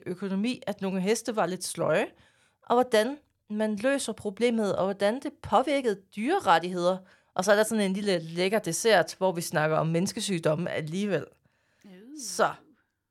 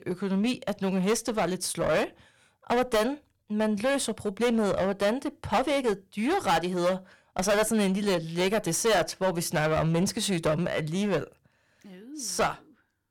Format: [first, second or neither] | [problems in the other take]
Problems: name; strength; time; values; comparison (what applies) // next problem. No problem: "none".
first | distortion; heavy; 12% of the sound clipped